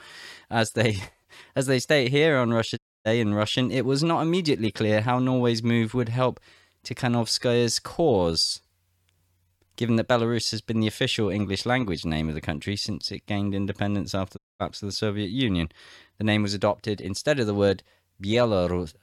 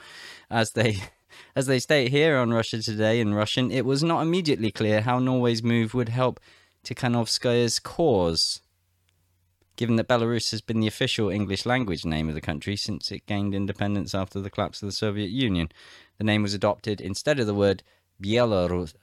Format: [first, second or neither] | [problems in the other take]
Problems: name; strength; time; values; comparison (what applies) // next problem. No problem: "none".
second | audio cutting out; at 3 s and at 14 s